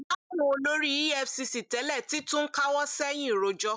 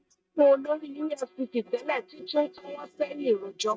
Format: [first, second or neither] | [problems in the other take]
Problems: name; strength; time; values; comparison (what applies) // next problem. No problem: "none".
first | noise reduction (neural mask model DeepFilterNet 3)